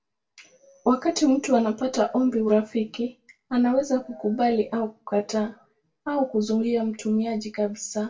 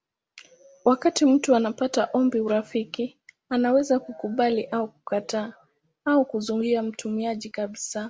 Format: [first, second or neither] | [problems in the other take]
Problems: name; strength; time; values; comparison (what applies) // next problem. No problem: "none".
second | room echo; dies away in 0.2 s